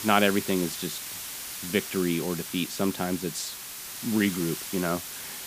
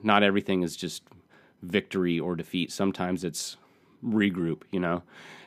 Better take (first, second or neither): second